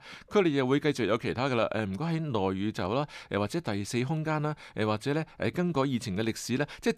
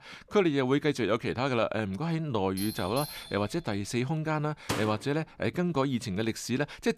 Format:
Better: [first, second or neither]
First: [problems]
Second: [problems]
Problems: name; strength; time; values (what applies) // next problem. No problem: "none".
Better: first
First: none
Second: doorbell; noticeable; from 2.5 to 4 s; peak 9 dB below the speech // door banging; noticeable; at 4.5 s; peak 4 dB below the speech